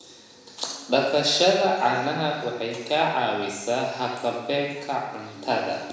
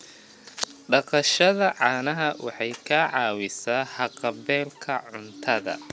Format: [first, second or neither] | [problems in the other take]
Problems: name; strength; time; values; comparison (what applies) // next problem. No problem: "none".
second | room echo; dies away in 1 s